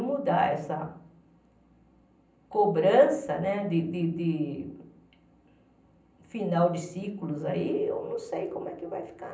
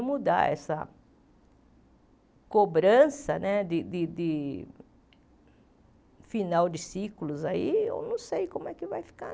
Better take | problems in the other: second | room echo; dies away in 0.6 s

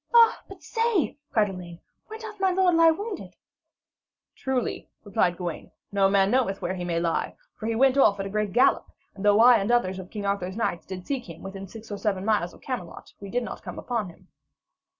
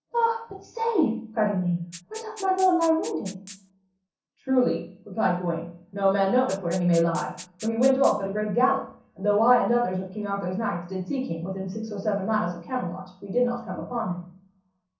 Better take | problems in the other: first | background sound (Rattle (instrument)); 18 dB below the speech // room echo; dies away in 0.6 s

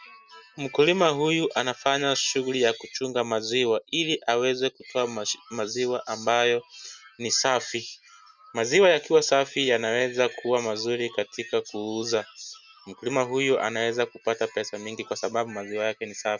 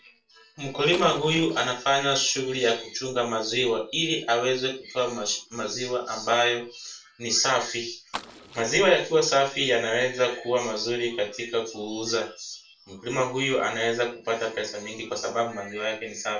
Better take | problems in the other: first | noise reduction (neural separator model SepFormer DNS4)

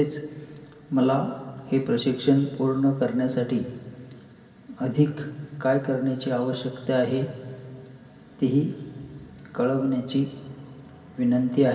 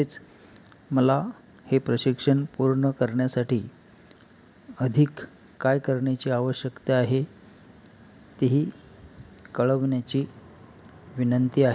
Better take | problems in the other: second | room echo; dies away in 3 s

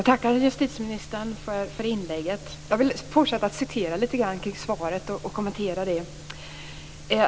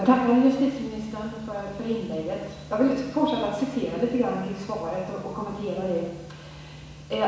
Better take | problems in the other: first | room echo; dies away in 1.1 s

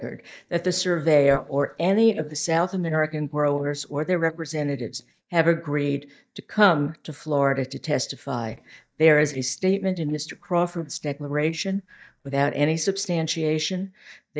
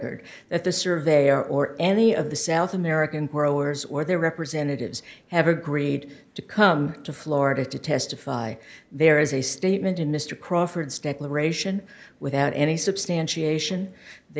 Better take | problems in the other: second | noise reduction (neural mask model DeepFilterNet 3)

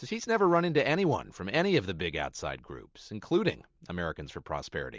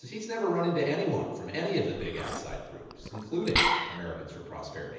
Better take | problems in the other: first | background sound (Liquid); 1 dB below the speech // room echo; dies away in 1.1 s

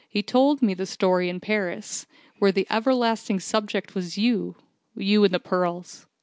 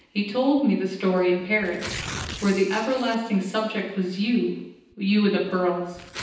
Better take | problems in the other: first | background sound (Tearing); 16 dB below the speech // room echo; dies away in 0.9 s

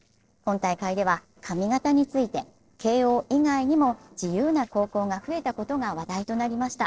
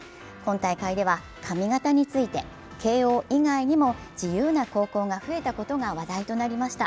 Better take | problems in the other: second | noise reduction (neural separator model SepFormer DNS4)

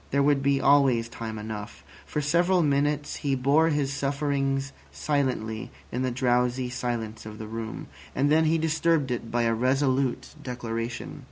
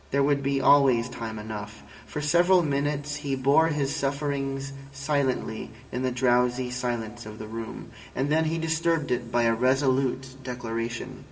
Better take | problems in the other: first | room echo; dies away in 2.8 s

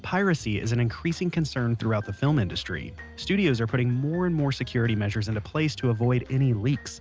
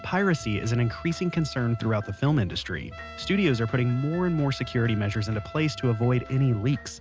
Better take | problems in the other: first | background sound (Trumpet); 19 dB below the speech

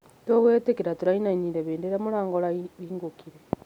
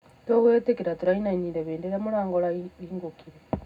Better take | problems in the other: first | room echo; dies away in 0.3 s

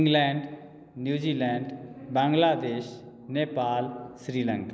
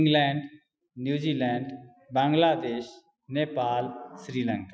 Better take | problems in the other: first | noise reduction (classical method Wiener filter)

